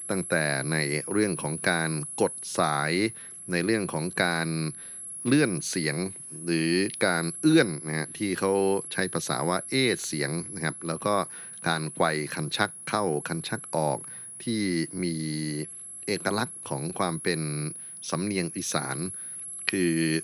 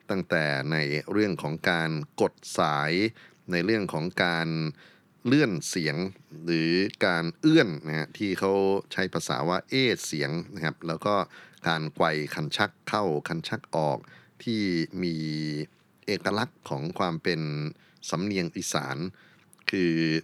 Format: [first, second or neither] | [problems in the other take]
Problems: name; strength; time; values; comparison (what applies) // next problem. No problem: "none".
second | high-pitched whine; loud; throughout; 10.5 kHz, 9 dB below the speech